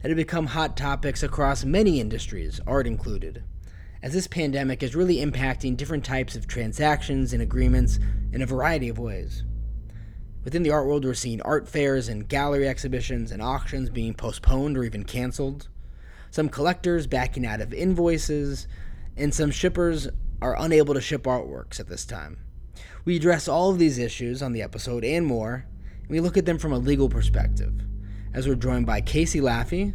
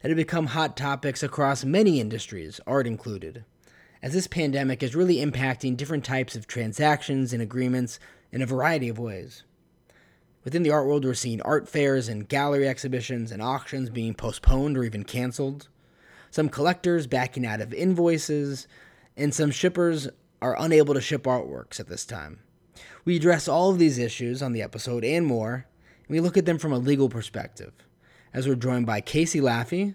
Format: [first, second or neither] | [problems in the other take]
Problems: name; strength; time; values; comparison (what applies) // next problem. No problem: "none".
second | low rumble; faint; throughout; 25 dB below the speech